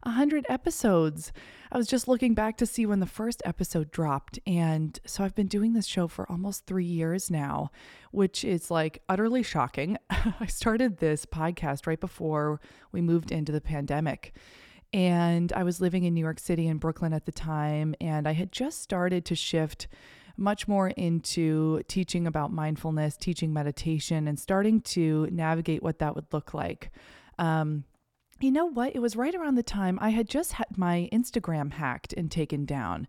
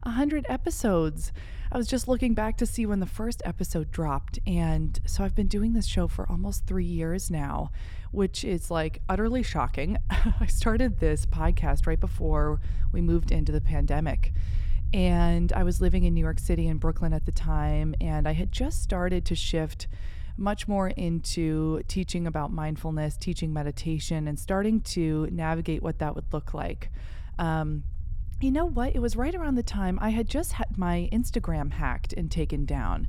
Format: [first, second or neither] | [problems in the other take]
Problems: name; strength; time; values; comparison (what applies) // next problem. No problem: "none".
first | low rumble; faint; throughout; 20 dB below the speech